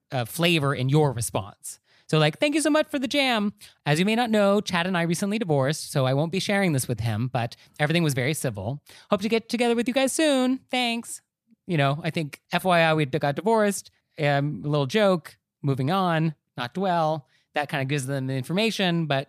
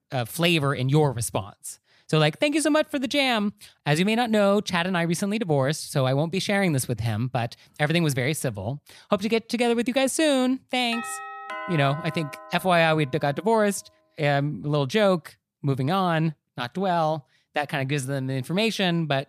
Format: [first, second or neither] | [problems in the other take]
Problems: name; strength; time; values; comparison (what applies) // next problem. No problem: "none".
first | doorbell; noticeable; from 11 to 13 s; peak 9 dB below the speech